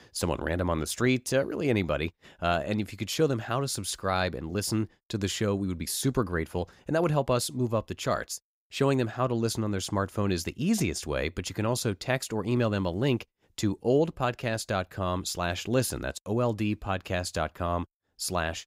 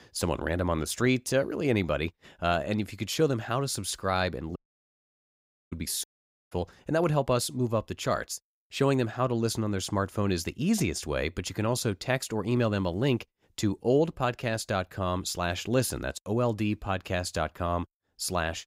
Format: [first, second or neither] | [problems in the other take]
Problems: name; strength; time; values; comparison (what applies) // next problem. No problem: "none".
first | audio cutting out; at 4.5 s for 1 s and at 6 s